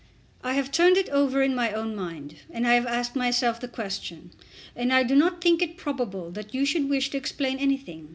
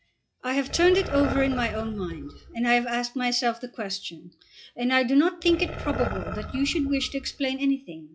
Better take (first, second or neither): first